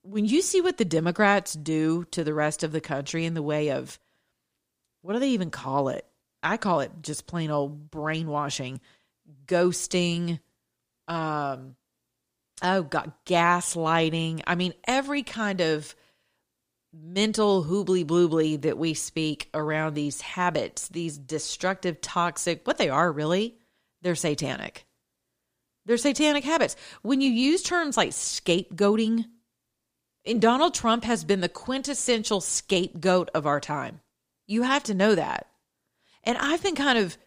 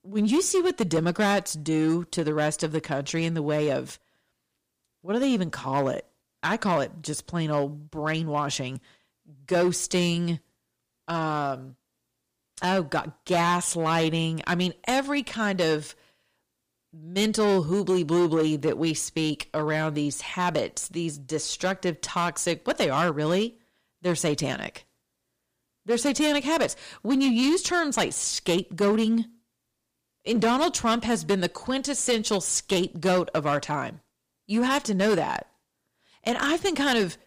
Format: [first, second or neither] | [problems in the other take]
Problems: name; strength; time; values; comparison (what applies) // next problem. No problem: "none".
first | distortion; slight; 6% of the sound clipped